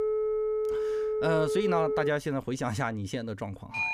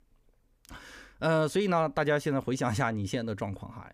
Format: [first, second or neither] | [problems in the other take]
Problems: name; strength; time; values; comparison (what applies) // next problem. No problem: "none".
second | alarms or sirens; very loud; throughout; 1 dB above the speech